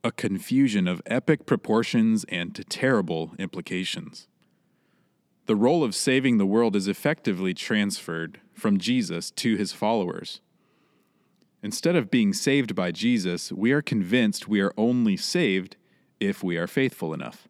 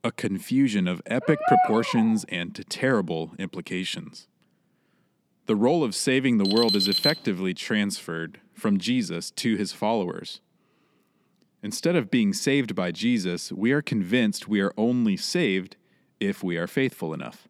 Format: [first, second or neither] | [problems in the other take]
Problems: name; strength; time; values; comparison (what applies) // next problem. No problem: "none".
first | dog barking; loud; at 1.5 s; peak 4 dB above the speech // alarm; loud; at 6.5 s; peak 3 dB above the speech